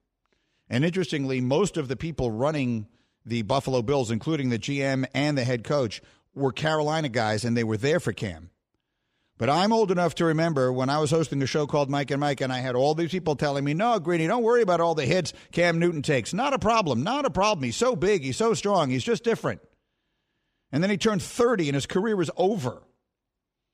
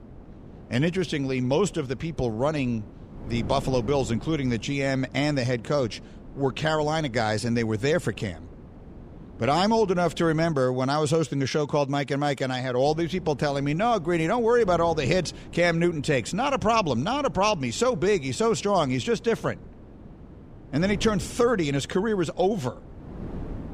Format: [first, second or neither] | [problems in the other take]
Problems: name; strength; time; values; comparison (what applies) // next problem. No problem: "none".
first | wind noise on the microphone; occasional gusts; until 11 s and from 13 s on; 25 dB below the speech